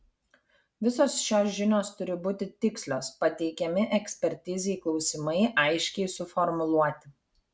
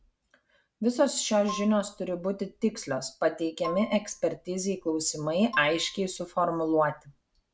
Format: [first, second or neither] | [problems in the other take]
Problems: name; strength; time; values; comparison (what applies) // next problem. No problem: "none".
first | background sound (Marimba, xylophone); 16 dB below the speech